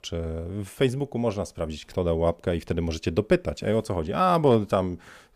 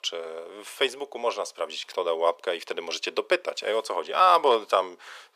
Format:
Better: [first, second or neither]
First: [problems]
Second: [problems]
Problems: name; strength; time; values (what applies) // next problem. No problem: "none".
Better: first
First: none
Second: thin; very; fading below 450 Hz